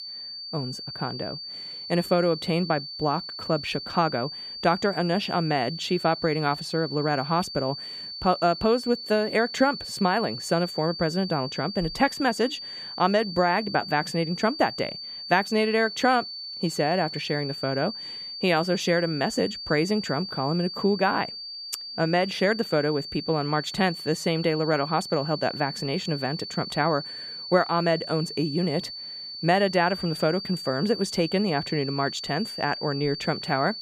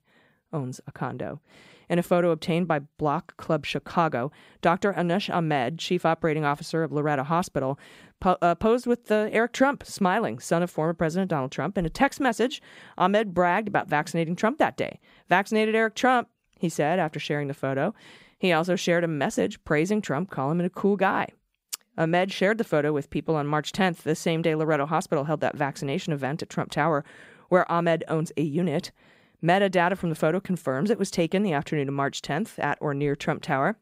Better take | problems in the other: second | high-pitched whine; loud; throughout; 4.5 kHz, 8 dB below the speech

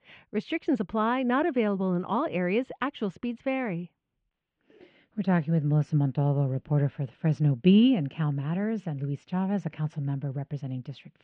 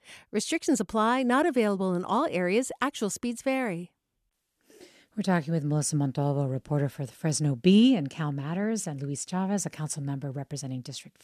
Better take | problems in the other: second | muffled; very; fading above 3 kHz

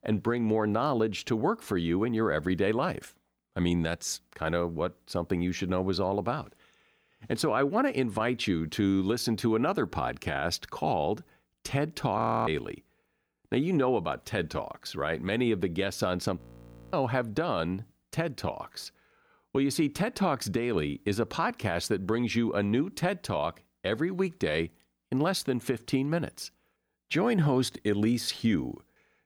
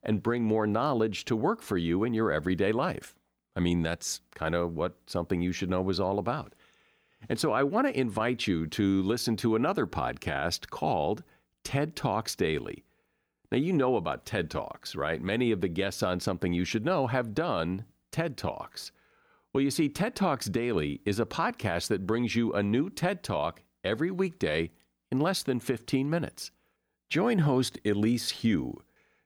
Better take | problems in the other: second | audio freezing; at 12 s and at 16 s for 0.5 s

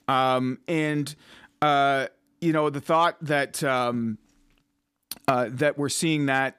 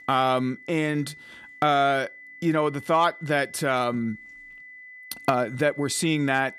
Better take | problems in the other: first | high-pitched whine; noticeable; throughout; 2 kHz, 20 dB below the speech

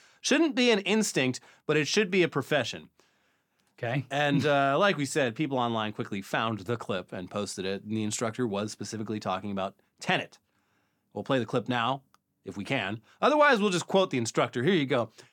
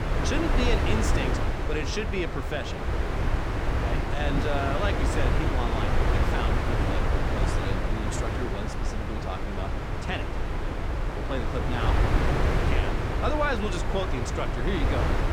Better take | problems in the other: first | wind noise on the microphone; heavy; 2 dB above the speech

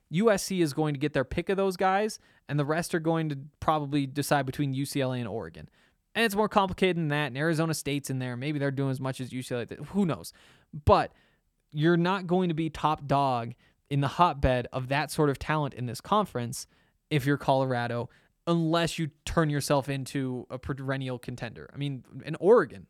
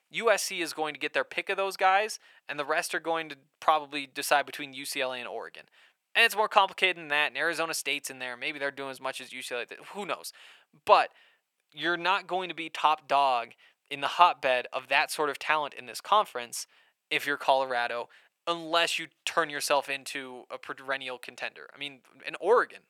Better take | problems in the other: first | thin; very; fading below 700 Hz

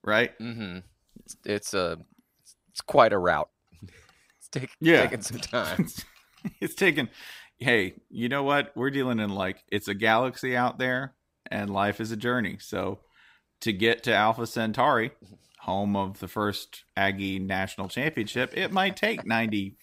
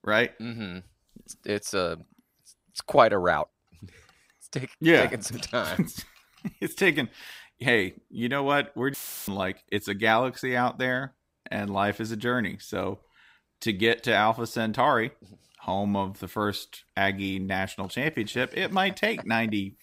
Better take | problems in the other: first | audio cutting out; filled with static; at 9 s

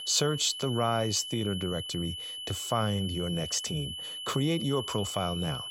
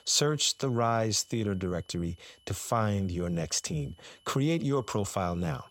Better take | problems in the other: second | high-pitched whine; loud; throughout; 3 kHz, 6 dB below the speech; faint in the second

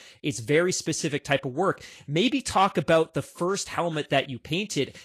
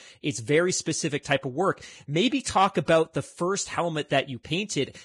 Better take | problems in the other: first | garbled, watery; badly; slightly in the first

